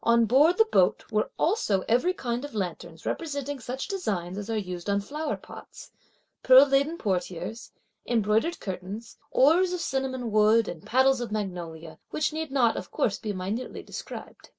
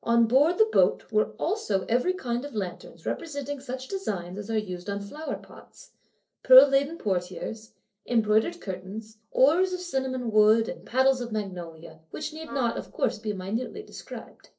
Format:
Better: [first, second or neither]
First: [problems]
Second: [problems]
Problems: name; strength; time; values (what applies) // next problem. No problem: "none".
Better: first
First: none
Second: noise reduction (neural separator model SepFormer DNS4)